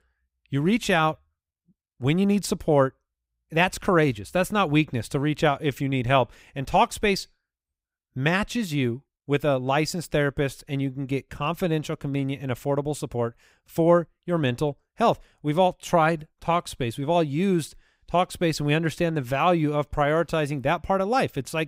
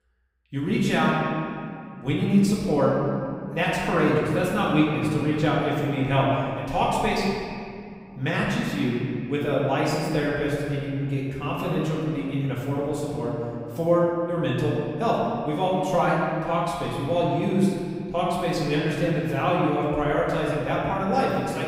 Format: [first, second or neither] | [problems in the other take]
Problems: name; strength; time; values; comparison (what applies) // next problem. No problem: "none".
first | off-mic speech; far // room echo; noticeable; dies away in 2.1 s